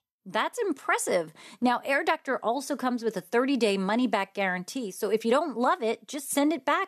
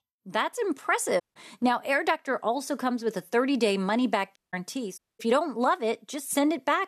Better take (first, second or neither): first